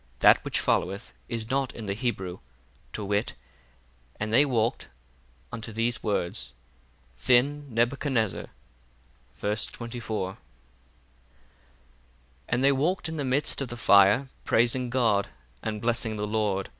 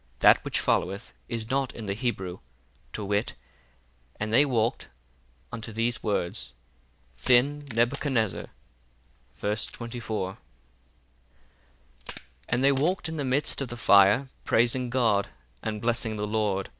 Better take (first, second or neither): first